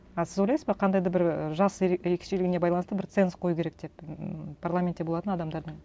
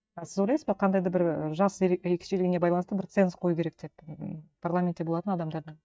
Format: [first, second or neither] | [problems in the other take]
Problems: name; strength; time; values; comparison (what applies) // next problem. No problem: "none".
first | noise reduction (neural mask model DeepFilterNet 3)